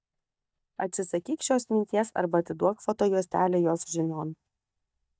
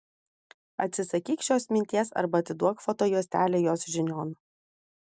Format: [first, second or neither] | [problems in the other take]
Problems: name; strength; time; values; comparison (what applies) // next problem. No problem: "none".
second | noise reduction (neural mask model DeepFilterNet 3)